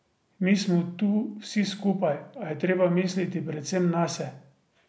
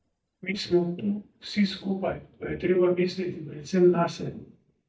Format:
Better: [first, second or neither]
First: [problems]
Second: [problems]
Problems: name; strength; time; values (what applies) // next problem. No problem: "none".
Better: first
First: none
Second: noise reduction (neural mask model DeepFilterNet 3)